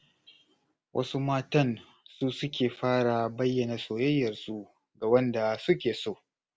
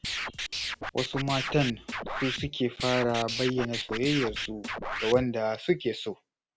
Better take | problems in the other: first | background sound (Scratching (performance technique)); 5 dB below the speech

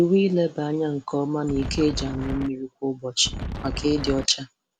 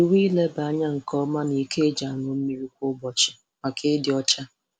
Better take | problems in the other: second | background sound (Wind); 7 dB below the speech

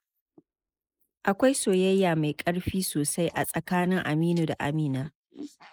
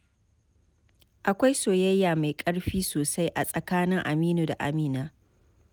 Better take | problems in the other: second | noise reduction (neural mask model Resemble Enhance denoiser)

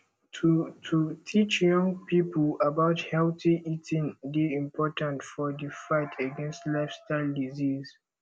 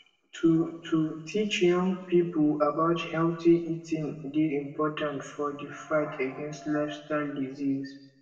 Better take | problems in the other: first | room echo; dies away in 0.8 s

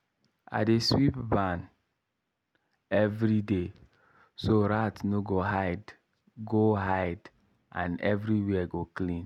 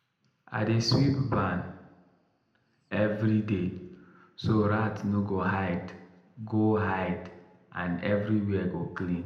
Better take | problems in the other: first | room echo; dies away in 0.7 s

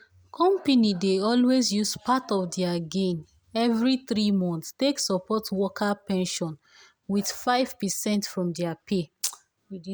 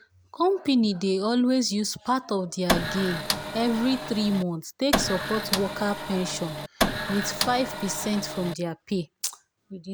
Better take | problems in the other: first | background sound (Printer); 3 dB below the speech

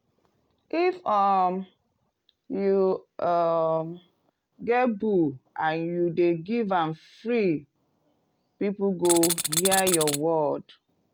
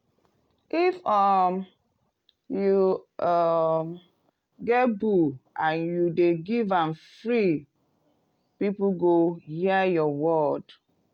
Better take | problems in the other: second | background sound (Tools); 1 dB below the speech

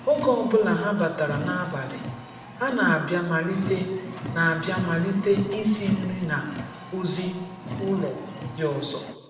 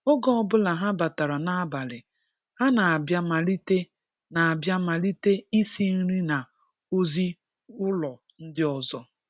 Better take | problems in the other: second | background sound (Car); 11 dB below the speech // room echo; dies away in 1 s

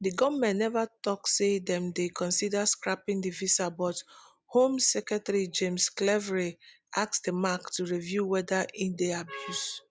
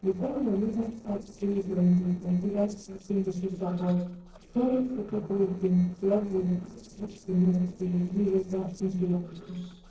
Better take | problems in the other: first | noise reduction (neural separator model SepFormer DNS4)

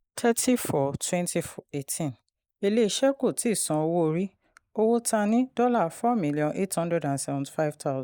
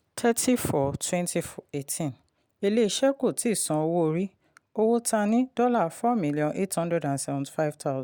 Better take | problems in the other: second | noise reduction (neural mask model Resemble Enhance denoiser)

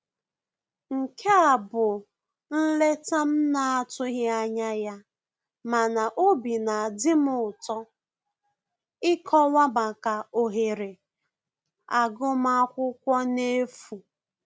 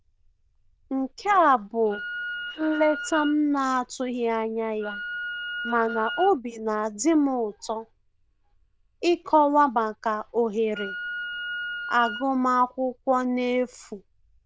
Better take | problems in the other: first | noise reduction (neural diffusion model UNIVERSE++)

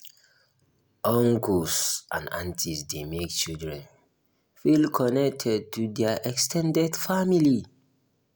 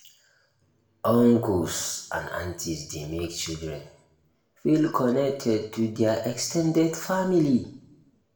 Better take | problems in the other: first | room echo; dies away in 0.6 s

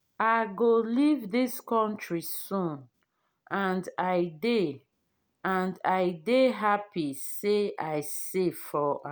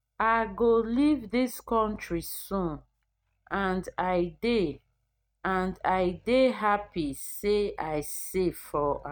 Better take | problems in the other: first | noise reduction (neural mask model RNNoise)

